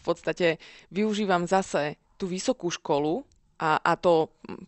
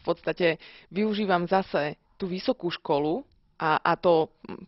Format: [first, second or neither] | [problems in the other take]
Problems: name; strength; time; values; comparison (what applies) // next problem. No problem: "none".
first | garbled, watery; badly; nothing above 5.5 kHz; slightly in the first